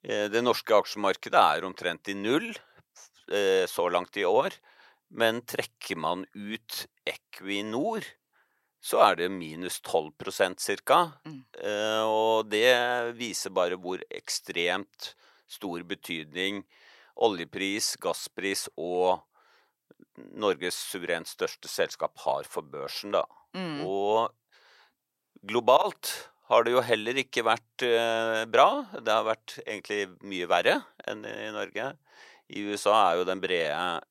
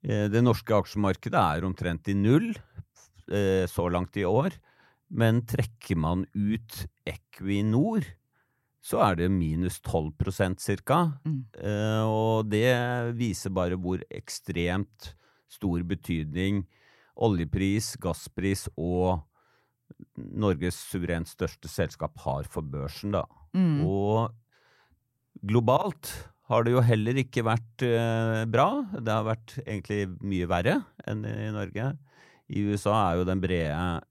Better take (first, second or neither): second